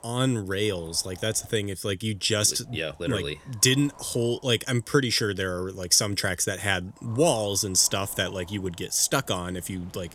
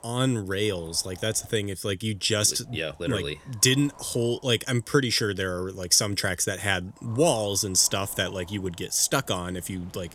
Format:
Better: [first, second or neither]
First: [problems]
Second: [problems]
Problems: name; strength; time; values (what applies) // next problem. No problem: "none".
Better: neither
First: wind noise on the microphone; occasional gusts; 25 dB below the speech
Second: wind noise on the microphone; occasional gusts; 25 dB below the speech